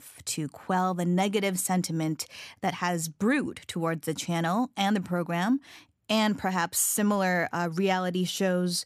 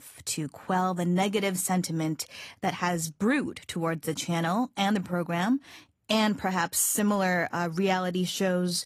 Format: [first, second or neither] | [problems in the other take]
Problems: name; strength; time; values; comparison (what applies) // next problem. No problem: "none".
first | garbled, watery; slightly; nothing above 14.5 kHz